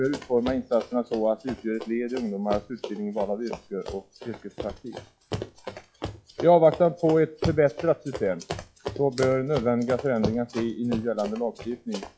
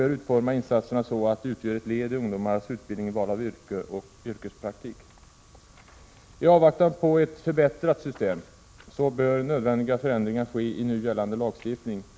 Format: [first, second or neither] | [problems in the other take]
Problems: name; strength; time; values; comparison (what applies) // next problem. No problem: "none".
second | noise reduction (classical method log-MMSE)